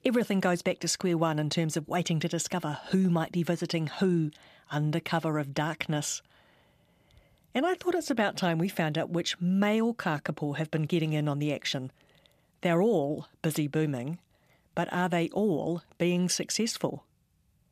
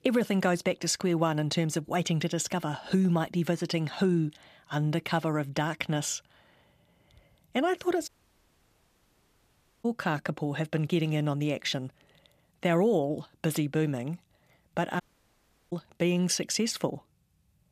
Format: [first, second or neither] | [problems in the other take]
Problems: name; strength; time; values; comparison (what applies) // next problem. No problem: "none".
first | audio cutting out; at 8 s for 2 s and at 15 s for 0.5 s